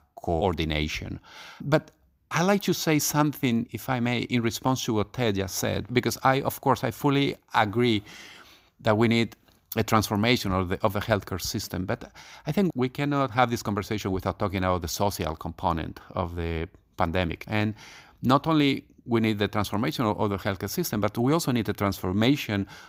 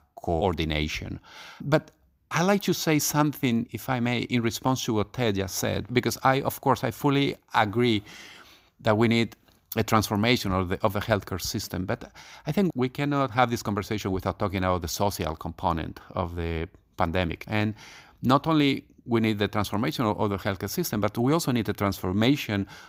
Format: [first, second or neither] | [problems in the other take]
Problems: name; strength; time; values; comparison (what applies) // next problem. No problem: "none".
neither | none